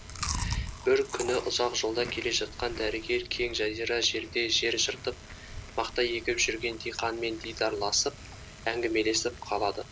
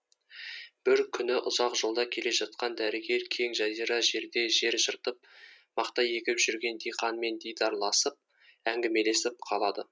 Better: second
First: background sound (Chewing, mastication); 10 dB below the speech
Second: none

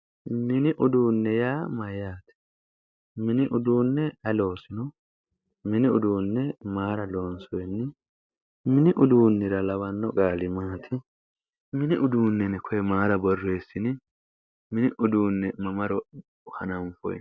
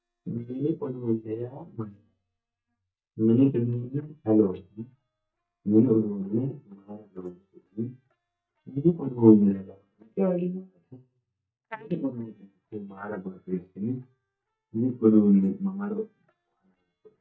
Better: first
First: none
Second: noise reduction (neural mask model DeepFilterNet 3)

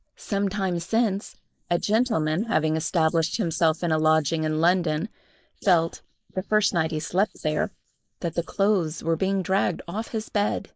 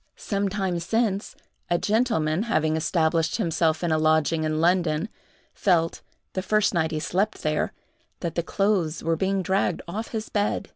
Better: second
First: noise reduction (neural mask model Resemble Enhance denoiser)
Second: none

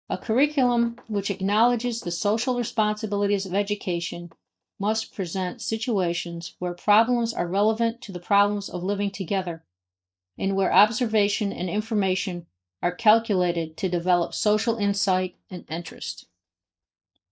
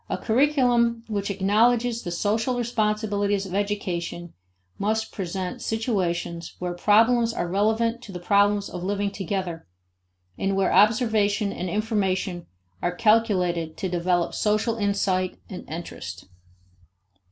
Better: second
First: noise reduction (neural mask model DeepFilterNet 3)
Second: none

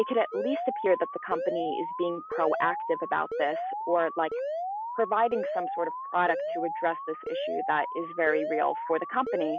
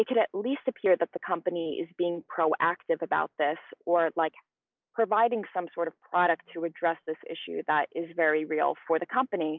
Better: second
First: background sound (Alarm); 4 dB below the speech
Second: none

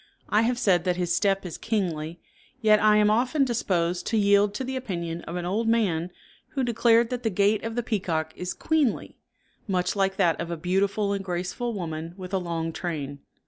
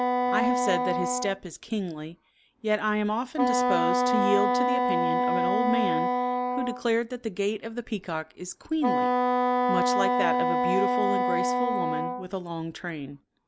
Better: first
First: none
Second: background sound (Wind instrument, woodwind instrument); 4 dB above the speech

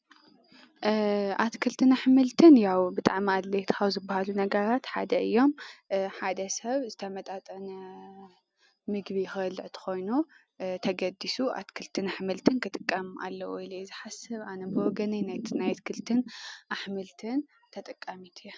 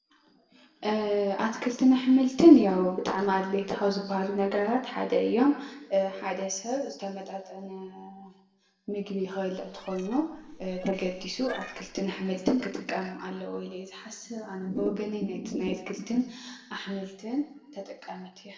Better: first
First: none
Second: noise reduction (neural separator model SepFormer DNS4)

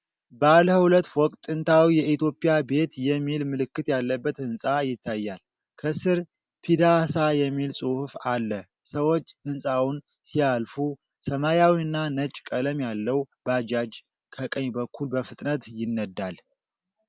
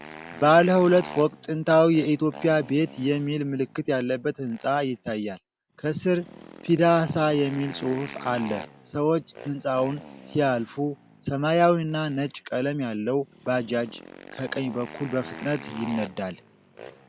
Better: first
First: none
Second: background sound (Motorcycle); 18 dB below the speech

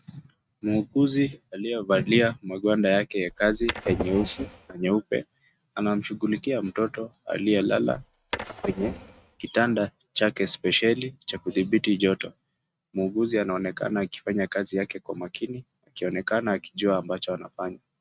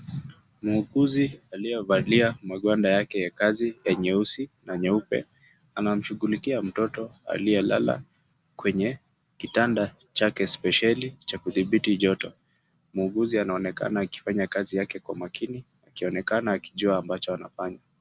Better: second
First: noise reduction (neural mask model RNNoise)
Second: none

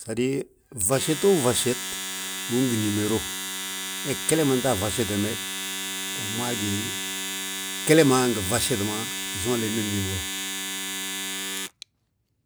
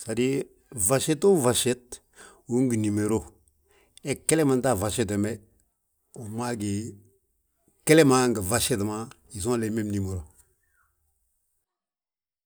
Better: second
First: background sound (Domestic sounds, home sounds); 5 dB below the speech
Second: none

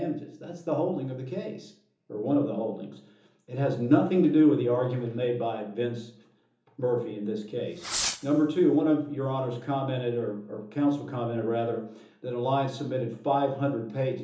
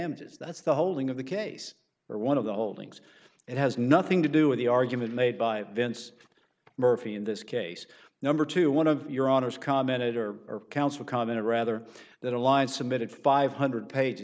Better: second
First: background sound (Fireworks); 7 dB below the speech // room echo; dies away in 1.2 s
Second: none

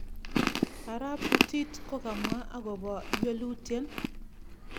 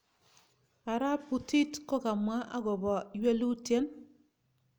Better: second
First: background sound (Chewing, mastication); 3 dB above the speech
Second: none

